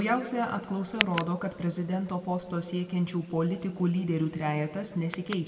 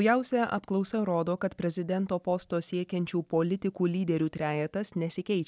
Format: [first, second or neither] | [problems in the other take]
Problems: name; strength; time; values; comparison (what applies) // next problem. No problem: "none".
second | background sound (Tick); 12 dB below the speech // room echo; dies away in 1.6 s